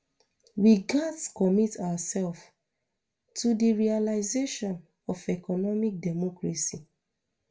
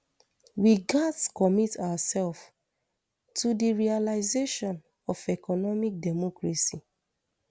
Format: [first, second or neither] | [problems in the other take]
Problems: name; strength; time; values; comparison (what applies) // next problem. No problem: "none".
second | room echo; dies away in 0.2 s